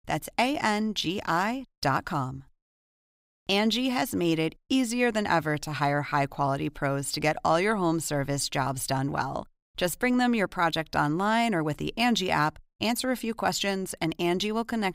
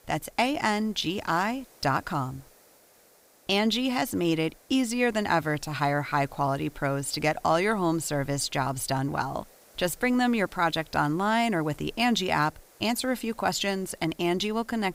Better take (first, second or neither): first